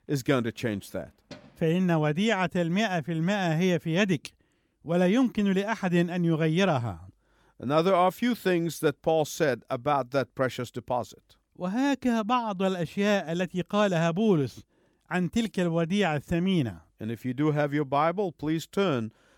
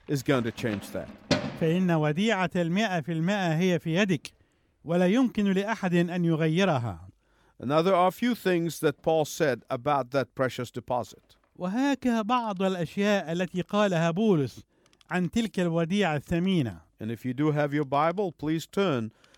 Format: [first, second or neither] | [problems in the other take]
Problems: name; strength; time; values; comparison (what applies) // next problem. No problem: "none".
first | household noises; loud; throughout; 8 dB below the speech; faint in the first